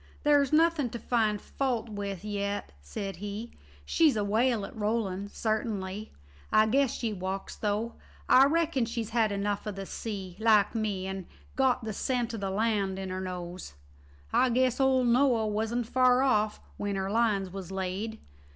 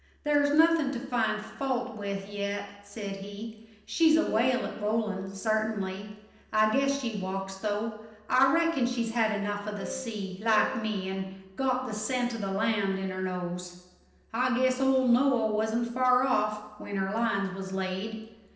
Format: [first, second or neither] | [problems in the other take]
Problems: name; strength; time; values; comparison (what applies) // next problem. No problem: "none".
first | noise reduction (neural separator model SepFormer DNS4)